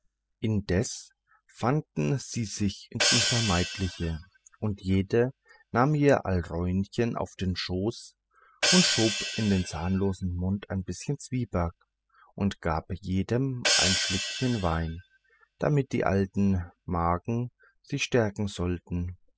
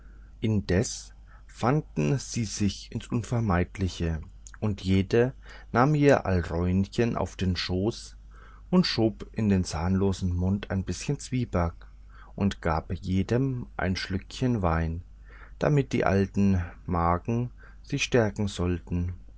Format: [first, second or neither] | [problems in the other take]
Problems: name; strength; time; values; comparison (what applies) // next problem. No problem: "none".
second | noise reduction (classical method spectral subtraction)